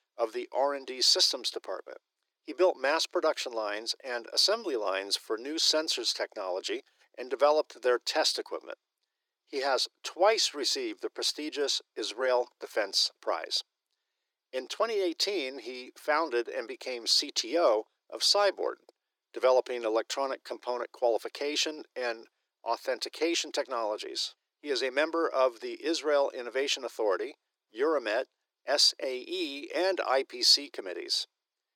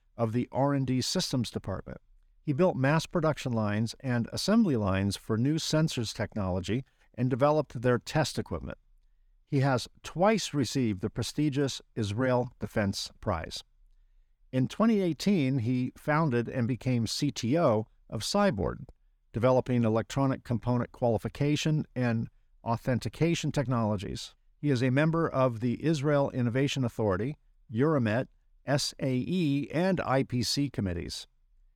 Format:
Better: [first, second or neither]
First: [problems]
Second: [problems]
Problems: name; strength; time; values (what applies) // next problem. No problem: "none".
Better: second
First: thin; very; fading below 350 Hz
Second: none